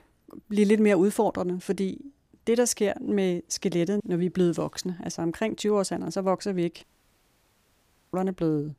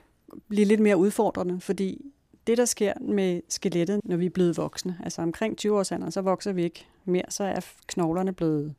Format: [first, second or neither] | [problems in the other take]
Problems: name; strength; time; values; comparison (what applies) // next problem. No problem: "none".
second | audio cutting out; at 7 s for 1.5 s